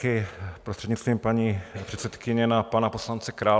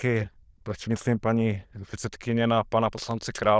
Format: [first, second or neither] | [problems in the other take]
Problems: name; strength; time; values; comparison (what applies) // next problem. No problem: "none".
first | noise reduction (neural diffusion model UNIVERSE++)